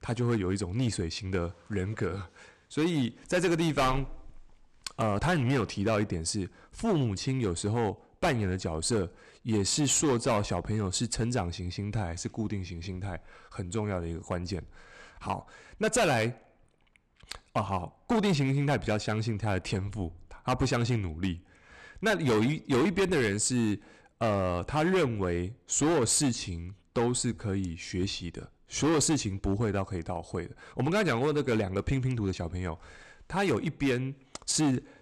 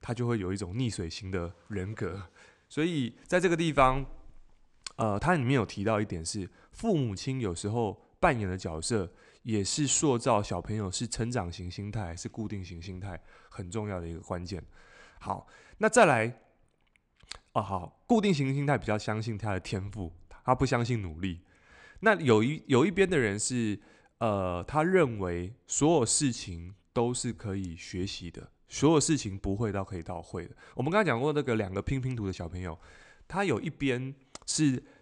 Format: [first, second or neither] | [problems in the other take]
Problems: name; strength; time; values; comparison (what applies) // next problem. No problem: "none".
second | distortion; heavy; 7% of the sound clipped